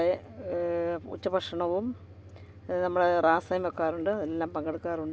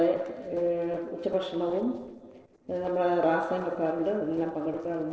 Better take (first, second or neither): first